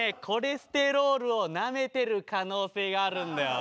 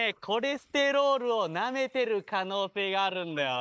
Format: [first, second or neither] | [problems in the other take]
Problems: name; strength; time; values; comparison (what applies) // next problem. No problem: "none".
first | noise reduction (neural mask model Resemble Enhance denoiser)